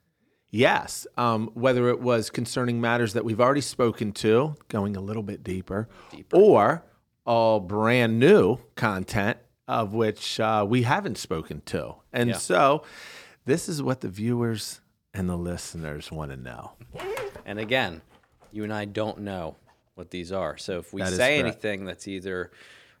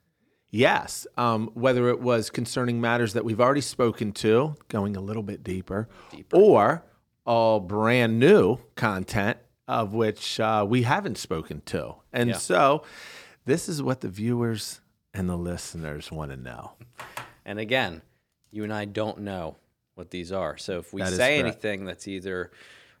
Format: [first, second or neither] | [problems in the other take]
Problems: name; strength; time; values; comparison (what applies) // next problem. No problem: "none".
second | dog barking; noticeable; at 17 s; peak 9 dB below the speech